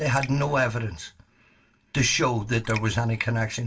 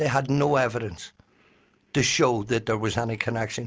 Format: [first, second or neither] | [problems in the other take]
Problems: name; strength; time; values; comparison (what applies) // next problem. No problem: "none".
second | background sound (Raindrop); 14 dB below the speech // room echo; dies away in 0.2 s